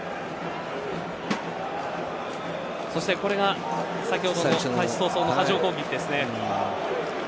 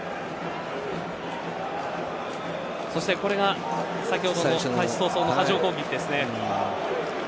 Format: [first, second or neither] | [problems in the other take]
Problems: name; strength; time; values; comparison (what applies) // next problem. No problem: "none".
second | background sound (Drum); 12 dB below the speech